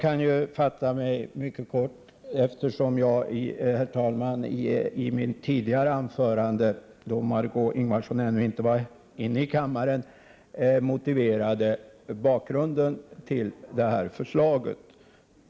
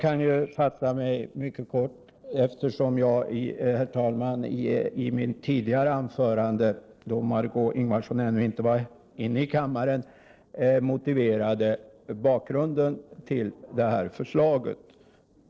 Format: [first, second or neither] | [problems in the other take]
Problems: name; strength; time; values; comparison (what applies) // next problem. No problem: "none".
first | noise reduction (neural separator model SepFormer DNS4)